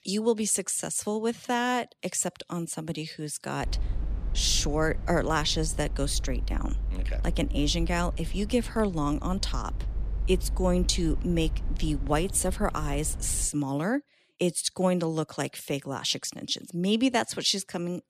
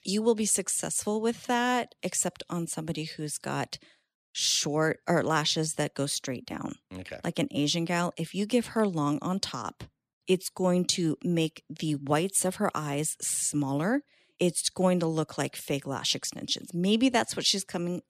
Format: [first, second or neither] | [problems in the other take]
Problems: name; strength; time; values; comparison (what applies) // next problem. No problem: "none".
second | low rumble; faint; from 3.5 to 13 s; 20 dB below the speech